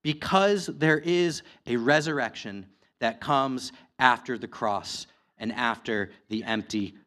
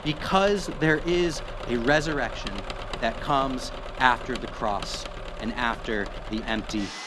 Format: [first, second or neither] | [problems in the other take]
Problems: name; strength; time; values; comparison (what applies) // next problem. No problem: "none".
first | machinery noise; noticeable; throughout; 10 dB below the speech